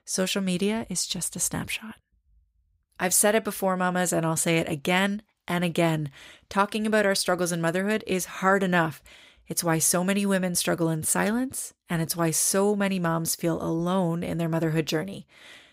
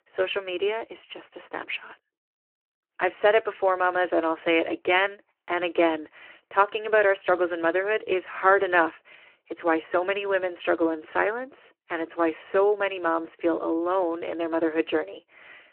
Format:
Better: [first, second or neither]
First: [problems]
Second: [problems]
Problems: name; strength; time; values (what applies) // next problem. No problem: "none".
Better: first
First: none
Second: phone-call audio